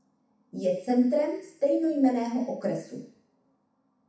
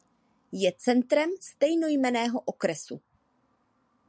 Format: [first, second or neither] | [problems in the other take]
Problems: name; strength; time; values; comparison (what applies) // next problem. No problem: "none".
second | room echo; dies away in 0.7 s